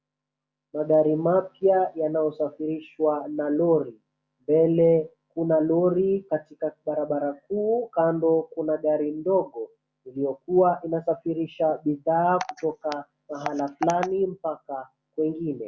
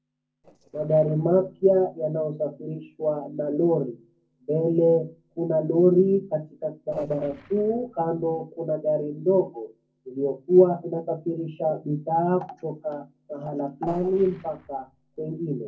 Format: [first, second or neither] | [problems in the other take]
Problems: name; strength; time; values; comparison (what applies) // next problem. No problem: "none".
first | noise reduction (neural separator model SepFormer DNS4)